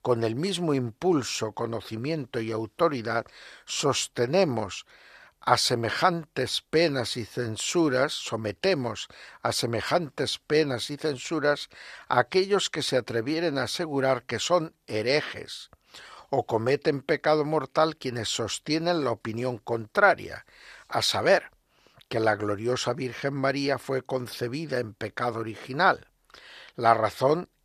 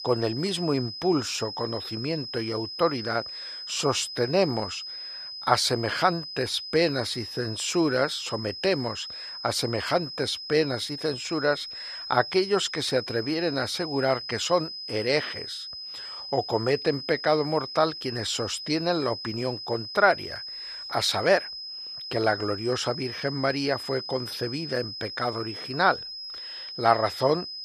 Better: first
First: none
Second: high-pitched whine; loud; throughout; 5 kHz, 8 dB below the speech

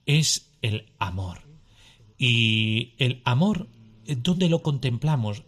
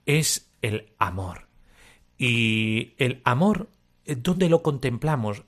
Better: second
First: room echo; very slight; dies away in 3 s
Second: none

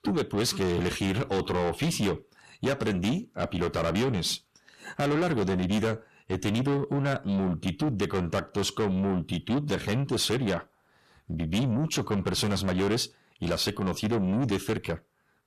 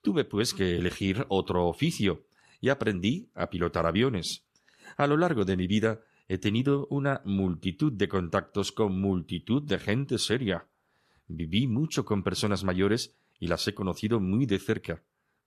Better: second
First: distortion; heavy; 6 dB below the speech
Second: none

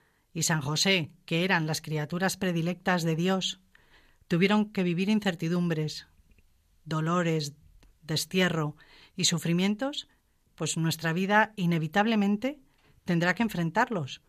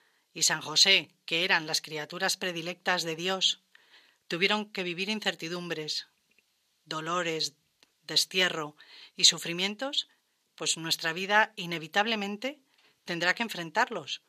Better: first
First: none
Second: thin; somewhat; fading below 350 Hz

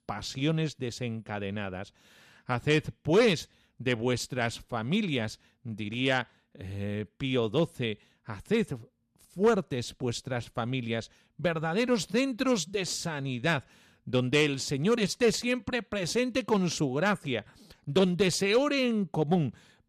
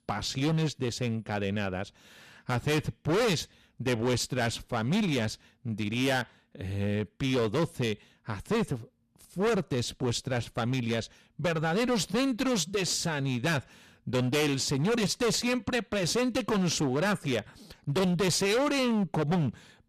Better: first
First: none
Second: distortion; heavy; 15% of the sound clipped

